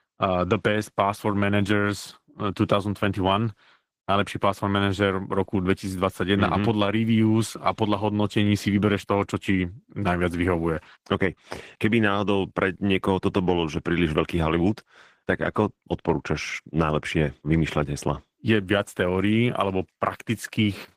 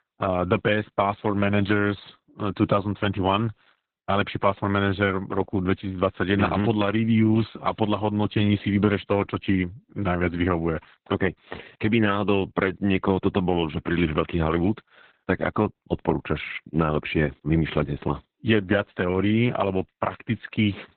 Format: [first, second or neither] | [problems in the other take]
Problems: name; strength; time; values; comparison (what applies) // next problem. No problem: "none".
first | garbled, watery; badly; nothing above 3.5 kHz; slightly in the first